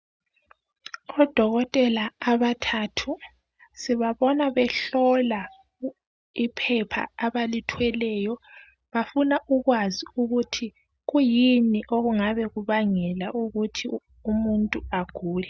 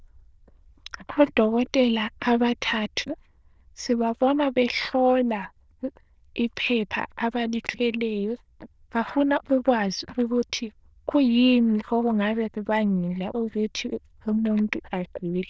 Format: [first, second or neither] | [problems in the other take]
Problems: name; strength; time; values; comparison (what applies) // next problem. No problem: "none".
first | noise reduction (neural diffusion model UNIVERSE++)